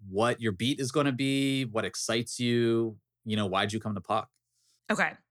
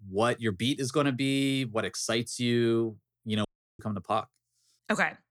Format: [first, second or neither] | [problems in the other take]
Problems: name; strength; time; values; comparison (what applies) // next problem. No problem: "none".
first | audio cutting out; at 3.5 s